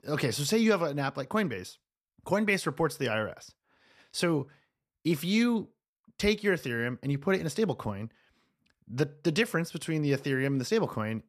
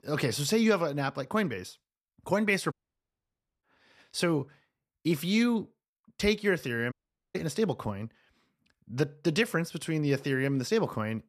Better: first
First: none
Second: audio cutting out; at 2.5 s for 1 s and at 7 s

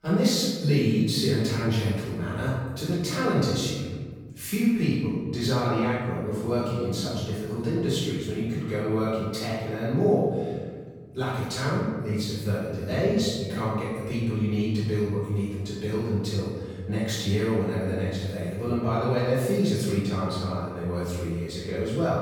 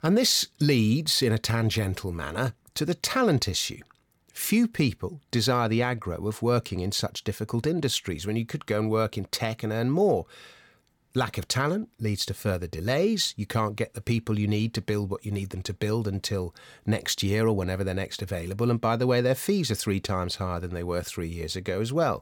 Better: second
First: room echo; strong; dies away in 1.7 s // off-mic speech; far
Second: none

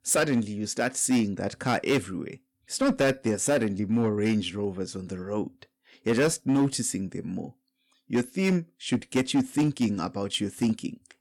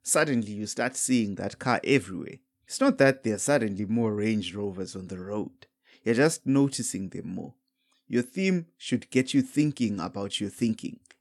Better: second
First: distortion; slight; 5% of the sound clipped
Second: none

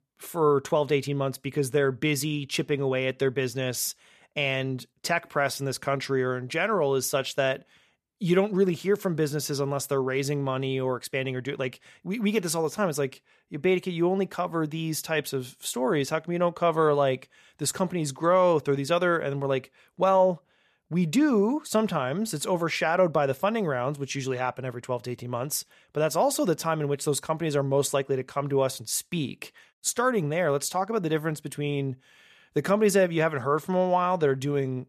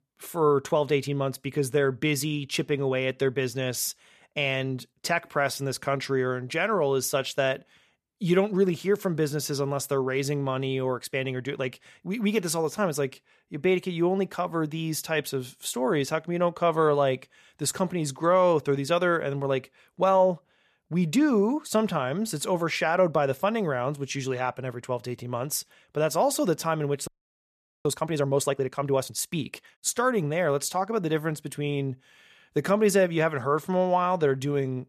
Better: first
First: none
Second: audio freezing; at 27 s for 1 s

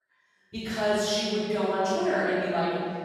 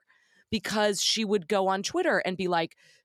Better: second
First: off-mic speech; far // room echo; strong; dies away in 2.1 s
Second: none

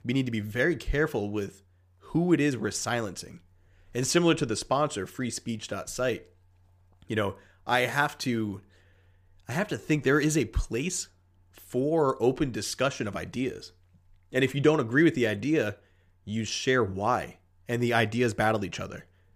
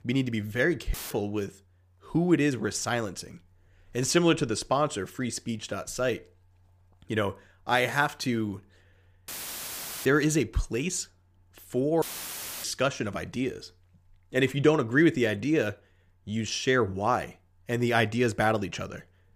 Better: first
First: none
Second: audio cutting out; filled with static; at 1 s, at 9.5 s for 1 s and at 12 s for 0.5 s

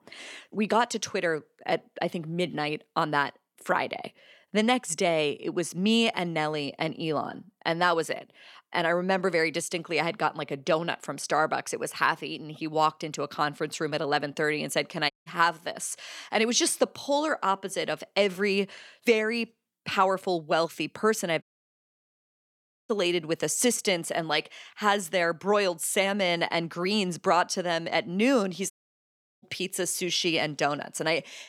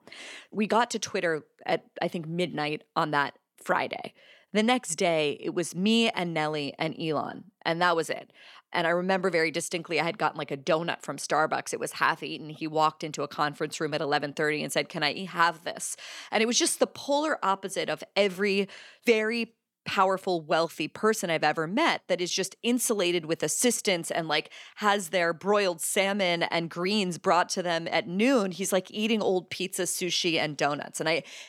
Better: second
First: audio cutting out; at 15 s, at 21 s for 1.5 s and at 29 s for 0.5 s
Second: none

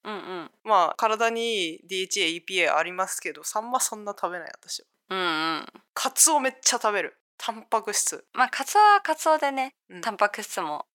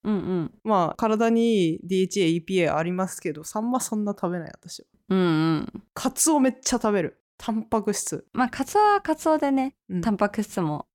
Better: second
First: thin; very; fading below 750 Hz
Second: none

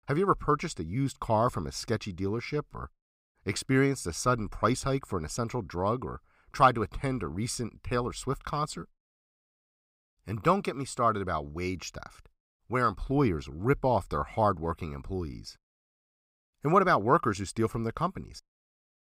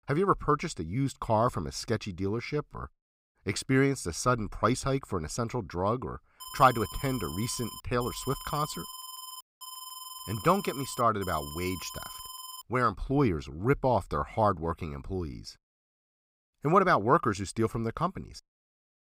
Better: first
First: none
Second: alarm; faint; from 6.5 to 13 s; peak 10 dB below the speech

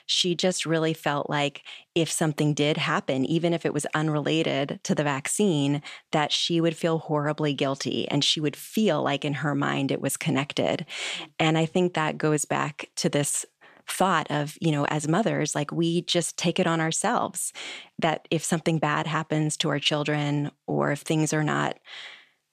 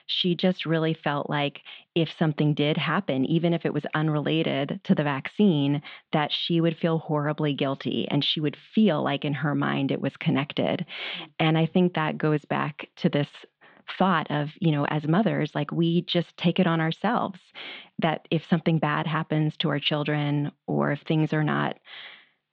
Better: first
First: none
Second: muffled; slightly; fading above 3.5 kHz

